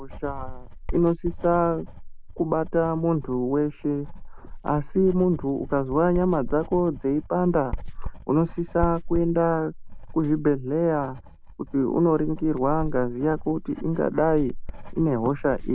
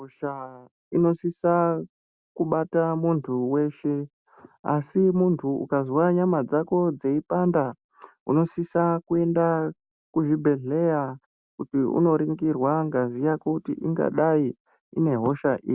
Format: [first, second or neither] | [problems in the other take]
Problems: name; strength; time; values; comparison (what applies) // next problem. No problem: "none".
second | background sound (Writing); 9 dB below the speech